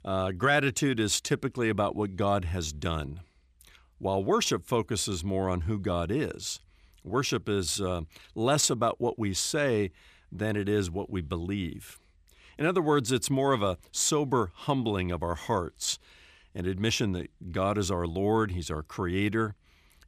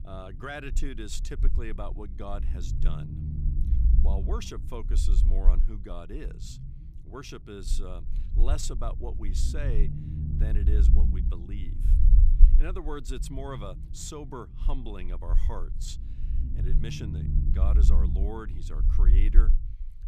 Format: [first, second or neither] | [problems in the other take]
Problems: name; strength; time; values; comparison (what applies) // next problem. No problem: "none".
first | low rumble; loud; throughout; 6 dB below the speech